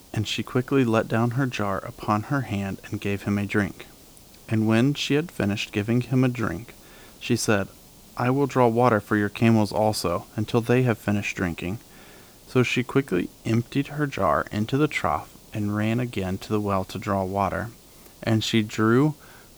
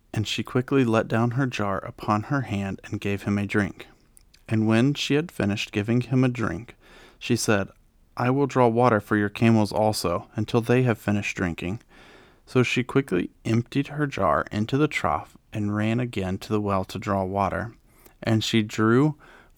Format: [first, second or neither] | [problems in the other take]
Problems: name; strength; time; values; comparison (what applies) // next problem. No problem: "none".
second | hiss; faint; throughout; 25 dB below the speech